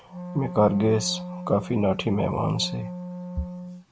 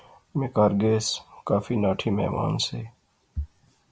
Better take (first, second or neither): second